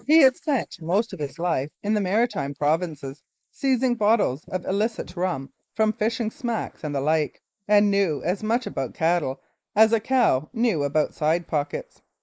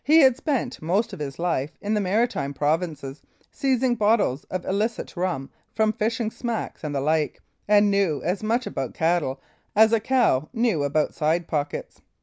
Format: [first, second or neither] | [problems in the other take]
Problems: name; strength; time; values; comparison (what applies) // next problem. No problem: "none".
second | noise reduction (neural mask model Resemble Enhance denoiser)